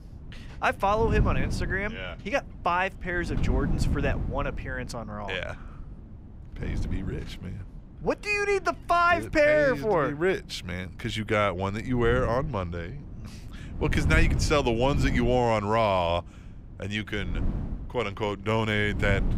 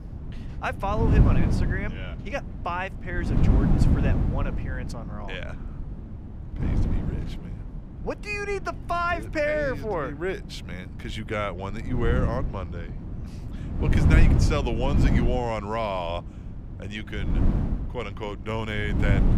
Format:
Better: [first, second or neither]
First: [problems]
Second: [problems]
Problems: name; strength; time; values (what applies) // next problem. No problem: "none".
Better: first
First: wind noise on the microphone; occasional gusts; 15 dB below the speech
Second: wind noise on the microphone; heavy; 6 dB below the speech